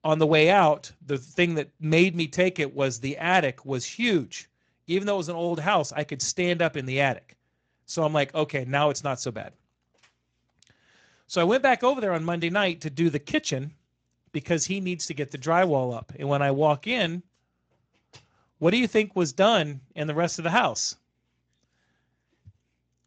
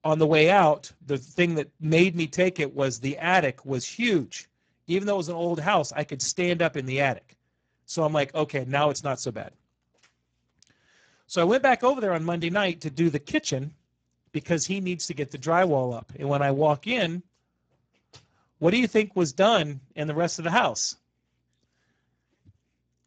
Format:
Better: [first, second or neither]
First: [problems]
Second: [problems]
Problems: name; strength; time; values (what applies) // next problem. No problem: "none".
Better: first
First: garbled, watery; slightly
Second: garbled, watery; badly; nothing above 7.5 kHz